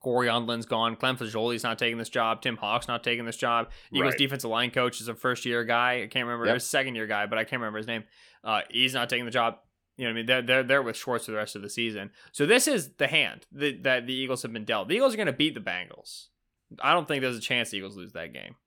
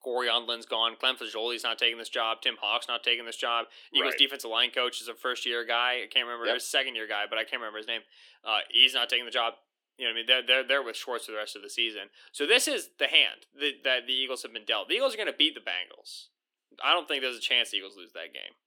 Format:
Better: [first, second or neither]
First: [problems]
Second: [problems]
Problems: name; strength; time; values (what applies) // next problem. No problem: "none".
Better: first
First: none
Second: thin; somewhat; fading below 300 Hz